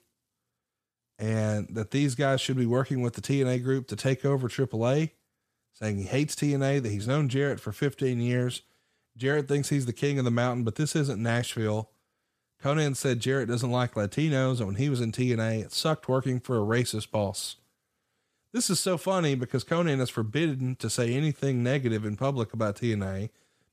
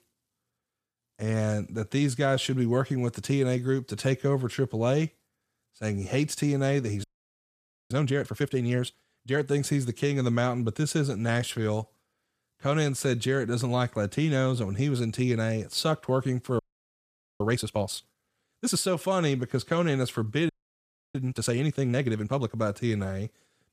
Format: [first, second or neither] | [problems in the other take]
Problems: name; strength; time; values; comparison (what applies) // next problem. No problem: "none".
first | audio freezing; at 7 s for 1 s, at 17 s for 1 s and at 20 s for 0.5 s